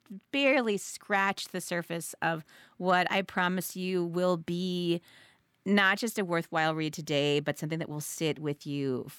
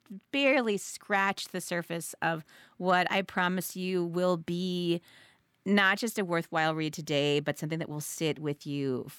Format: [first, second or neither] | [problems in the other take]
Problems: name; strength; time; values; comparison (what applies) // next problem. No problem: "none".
neither | none